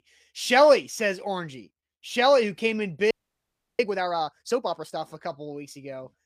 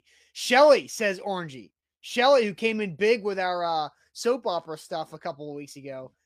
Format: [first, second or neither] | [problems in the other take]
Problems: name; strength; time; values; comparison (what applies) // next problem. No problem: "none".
second | audio freezing; at 3 s for 0.5 s